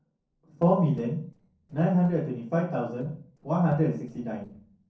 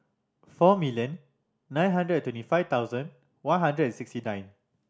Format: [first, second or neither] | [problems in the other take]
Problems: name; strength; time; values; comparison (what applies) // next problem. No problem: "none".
second | noise reduction (neural separator model SepFormer DNS4)